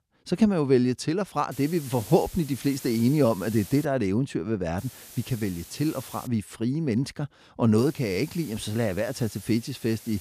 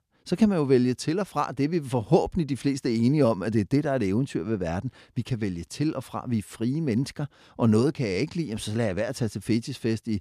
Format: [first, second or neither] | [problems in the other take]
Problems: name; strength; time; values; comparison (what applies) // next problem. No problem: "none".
second | hiss; noticeable; from 1.5 to 4 s, from 5 to 6.5 s and from 8 s on; 15 dB below the speech